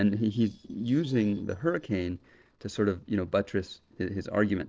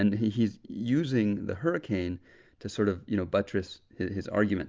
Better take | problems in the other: second | noise reduction (neural separator model SepFormer DNS4)

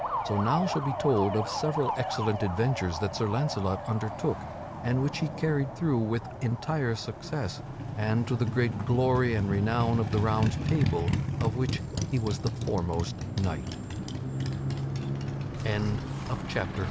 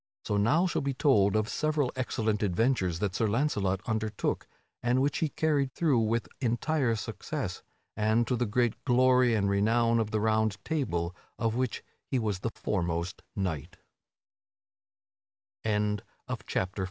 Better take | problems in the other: second | background sound (Motorcycle); 3 dB below the speech

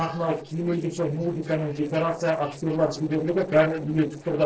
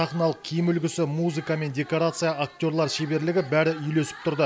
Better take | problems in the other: second | noise reduction (neural separator model SepFormer DNS4)

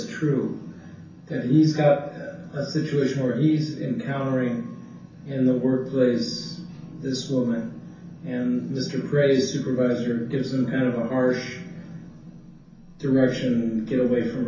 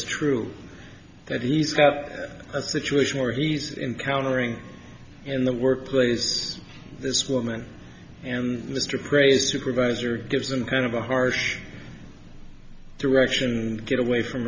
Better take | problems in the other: second | room echo; dies away in 0.6 s

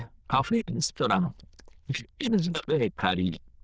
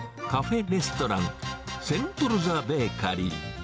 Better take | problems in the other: second | noise reduction (neural diffusion model UNIVERSE++)

